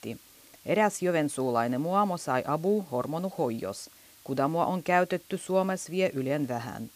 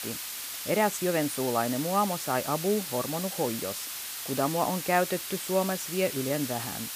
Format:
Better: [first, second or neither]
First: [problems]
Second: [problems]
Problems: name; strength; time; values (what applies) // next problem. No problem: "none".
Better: first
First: hiss; faint; throughout; 25 dB below the speech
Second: hiss; loud; throughout; 5 dB below the speech